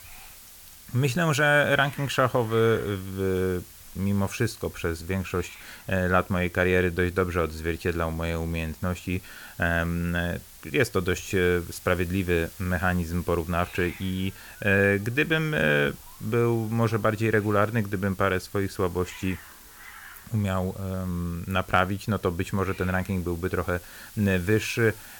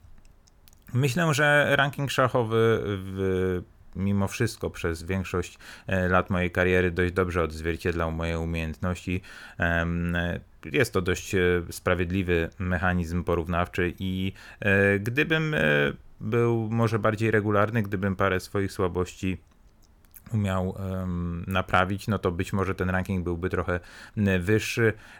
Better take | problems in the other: second | hiss; noticeable; throughout; 20 dB below the speech

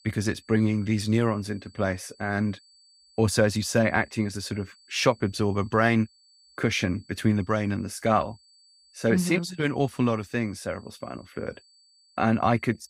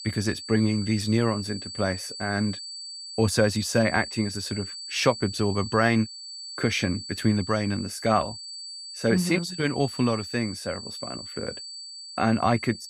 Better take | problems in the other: first | high-pitched whine; loud; throughout; 4.5 kHz, 10 dB below the speech; faint in the first

